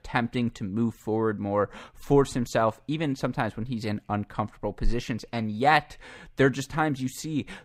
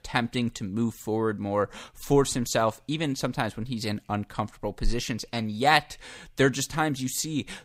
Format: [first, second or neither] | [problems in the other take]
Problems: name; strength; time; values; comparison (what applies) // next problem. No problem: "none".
second | muffled; slightly; fading above 3 kHz